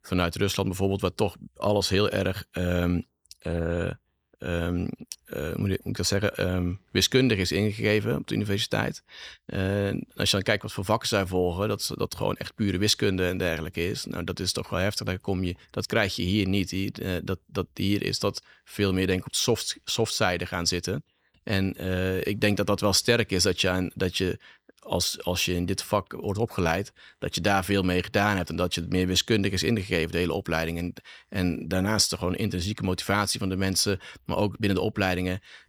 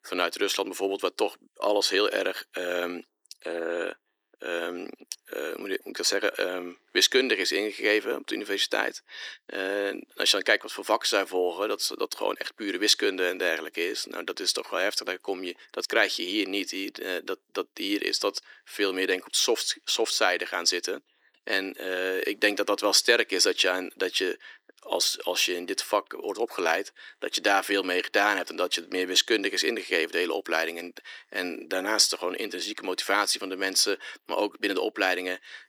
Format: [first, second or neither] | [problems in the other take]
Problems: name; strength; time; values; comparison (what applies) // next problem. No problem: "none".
first | thin; somewhat; fading below 300 Hz